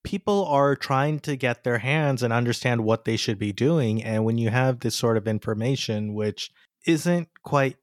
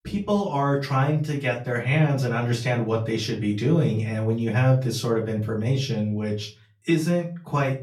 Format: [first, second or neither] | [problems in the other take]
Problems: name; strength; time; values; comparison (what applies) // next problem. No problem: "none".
first | room echo; slight; dies away in 0.3 s // off-mic speech; far